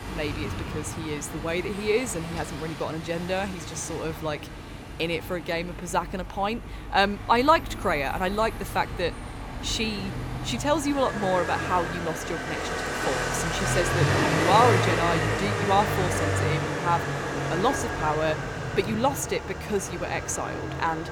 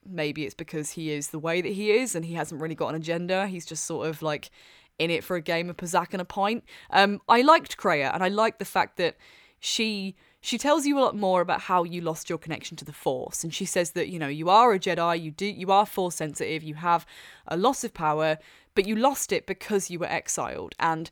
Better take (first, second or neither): second